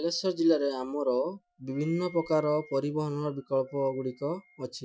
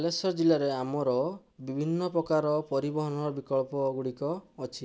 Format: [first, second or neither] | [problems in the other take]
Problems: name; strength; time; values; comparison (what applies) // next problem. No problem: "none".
second | noise reduction (classical method Wiener filter)